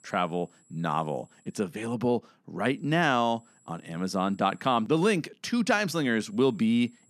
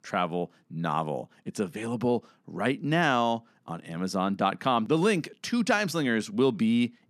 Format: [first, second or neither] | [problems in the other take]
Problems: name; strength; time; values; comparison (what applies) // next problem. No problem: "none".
second | high-pitched whine; faint; until 1.5 s, from 3 to 5 s and from 6 s on; 7.5 kHz, 35 dB below the speech